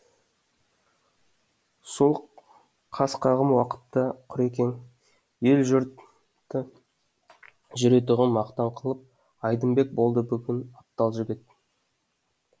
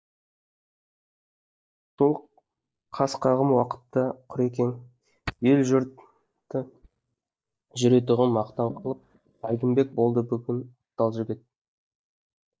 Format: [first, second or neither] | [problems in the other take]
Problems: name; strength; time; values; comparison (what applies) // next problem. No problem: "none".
first | noise reduction (neural mask model DeepFilterNet 3)